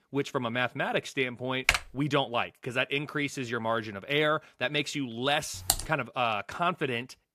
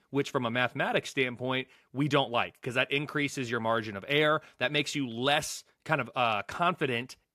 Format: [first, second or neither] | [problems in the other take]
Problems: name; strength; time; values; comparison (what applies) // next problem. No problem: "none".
second | keyboard typing; loud; at 1.5 s and at 5.5 s; peak 3 dB above the speech